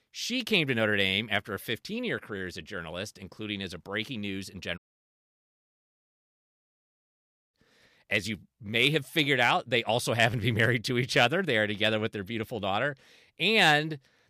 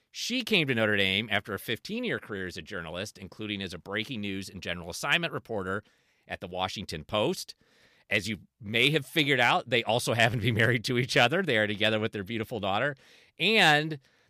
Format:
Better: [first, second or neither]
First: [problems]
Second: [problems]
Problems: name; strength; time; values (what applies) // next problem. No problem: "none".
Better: second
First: audio cutting out; at 5 s for 3 s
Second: none